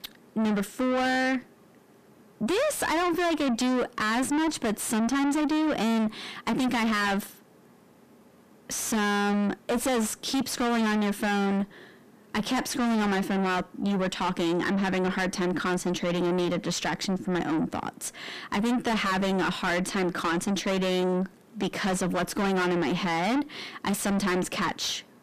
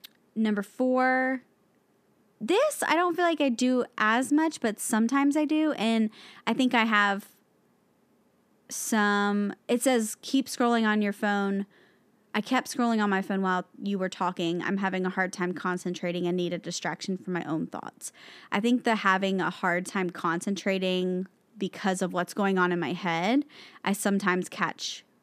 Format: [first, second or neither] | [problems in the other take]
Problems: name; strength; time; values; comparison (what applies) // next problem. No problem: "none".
second | distortion; heavy; 5 dB below the speech